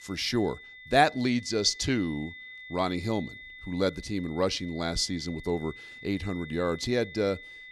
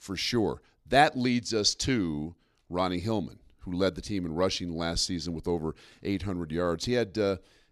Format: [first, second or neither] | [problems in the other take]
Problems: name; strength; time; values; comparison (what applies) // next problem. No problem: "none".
second | high-pitched whine; noticeable; throughout; 2 kHz, 15 dB below the speech